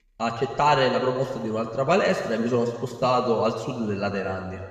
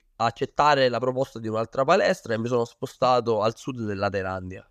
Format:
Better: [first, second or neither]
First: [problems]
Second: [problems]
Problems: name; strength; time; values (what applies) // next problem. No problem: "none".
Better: second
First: room echo; noticeable; dies away in 1.7 s // off-mic speech; somewhat distant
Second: none